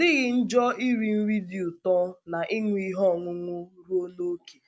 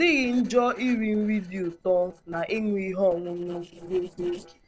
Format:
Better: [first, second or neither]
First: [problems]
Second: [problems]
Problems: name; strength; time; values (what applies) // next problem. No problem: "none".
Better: first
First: none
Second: noise reduction (neural separator model SepFormer DNS4)